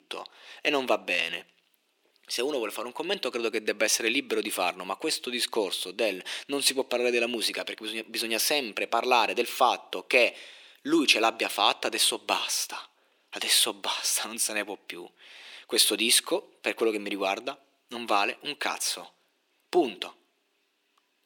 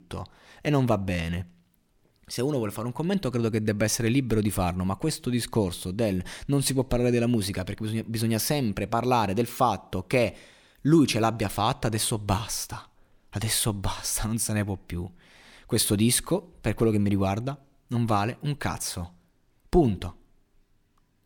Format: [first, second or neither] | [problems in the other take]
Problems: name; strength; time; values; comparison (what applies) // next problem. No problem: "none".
second | thin; very; fading below 350 Hz